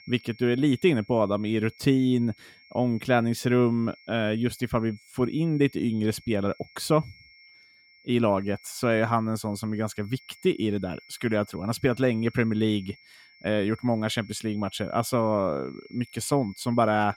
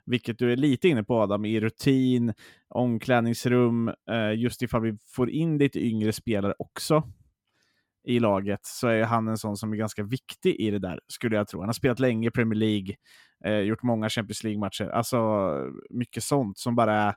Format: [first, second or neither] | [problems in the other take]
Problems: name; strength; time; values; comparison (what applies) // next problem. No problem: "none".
second | high-pitched whine; faint; throughout; 2 kHz, 25 dB below the speech